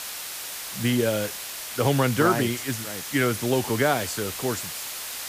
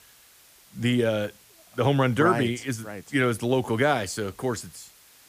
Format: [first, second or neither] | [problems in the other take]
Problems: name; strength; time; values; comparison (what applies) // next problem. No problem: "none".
second | hiss; loud; throughout; 7 dB below the speech; faint in the second